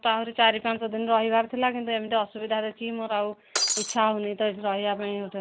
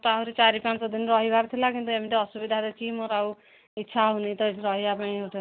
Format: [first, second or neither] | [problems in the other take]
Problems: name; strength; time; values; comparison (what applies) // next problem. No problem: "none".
second | background sound (Shatter); as loud as the speech